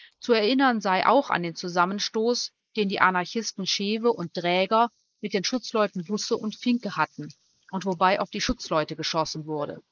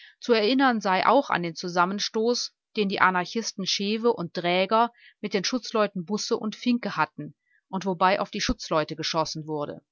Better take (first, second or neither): second